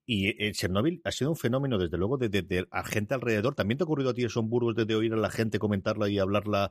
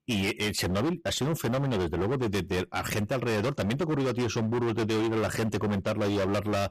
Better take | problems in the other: first | distortion; heavy; 33% of the sound clipped

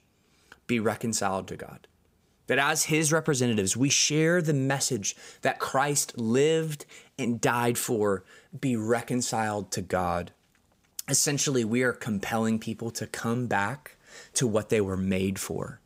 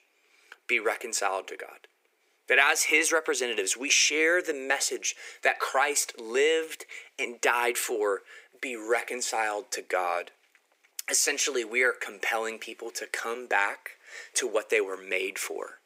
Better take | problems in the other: first | thin; very; fading below 350 Hz

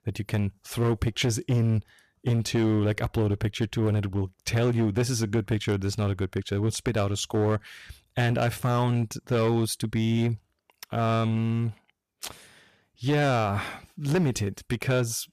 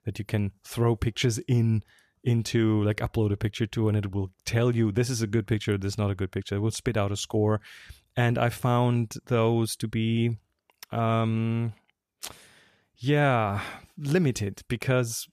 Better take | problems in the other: second | distortion; slight; 8% of the sound clipped

